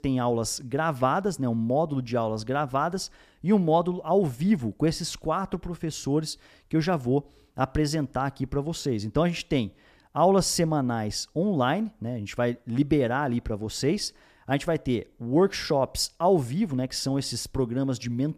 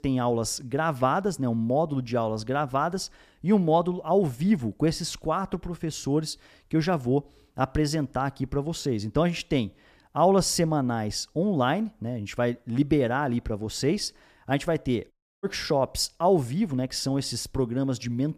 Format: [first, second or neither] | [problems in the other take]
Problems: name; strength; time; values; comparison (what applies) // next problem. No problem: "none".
first | audio cutting out; at 15 s